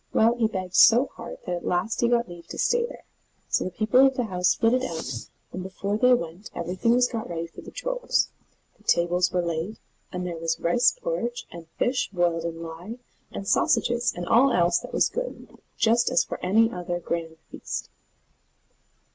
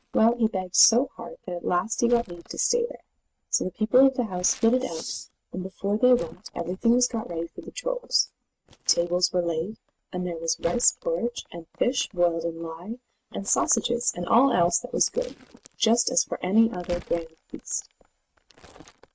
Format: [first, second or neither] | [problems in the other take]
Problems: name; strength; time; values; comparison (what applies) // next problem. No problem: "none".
first | noise reduction (neural mask model RNNoise)